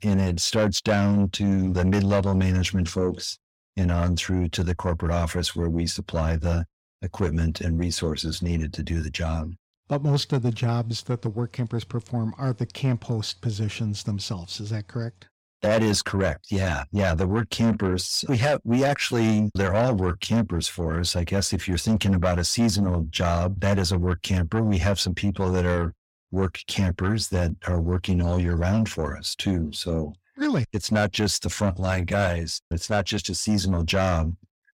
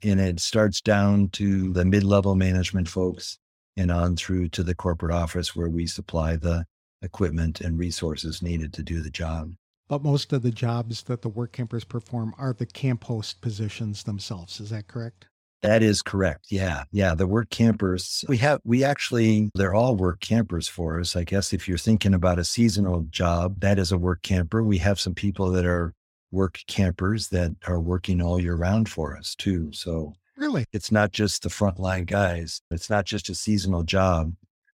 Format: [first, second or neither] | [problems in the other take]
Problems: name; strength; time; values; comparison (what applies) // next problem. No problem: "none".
second | distortion; slight; 10 dB below the speech